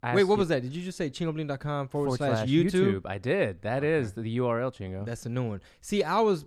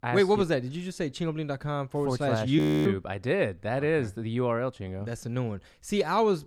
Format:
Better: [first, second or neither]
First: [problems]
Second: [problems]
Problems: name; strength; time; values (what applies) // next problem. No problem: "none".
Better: first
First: none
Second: audio freezing; at 2.5 s